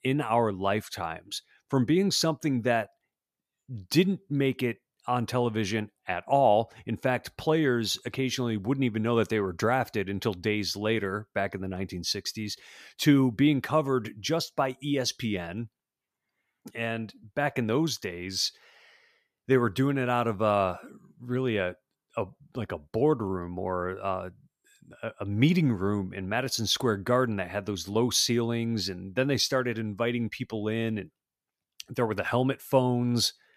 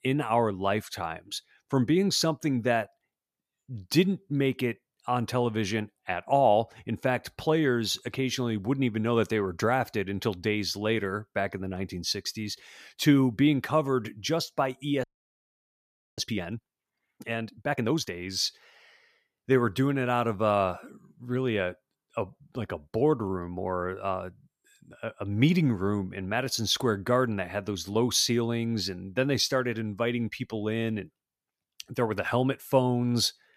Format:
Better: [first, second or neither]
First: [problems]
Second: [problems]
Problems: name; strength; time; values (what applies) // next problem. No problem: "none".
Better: first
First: none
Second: audio freezing; at 15 s for 1 s